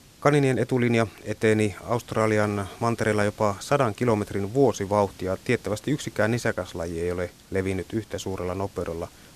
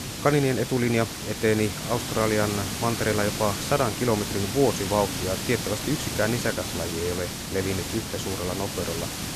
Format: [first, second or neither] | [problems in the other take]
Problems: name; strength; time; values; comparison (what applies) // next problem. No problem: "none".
first | hiss; loud; throughout; 4 dB below the speech; faint in the first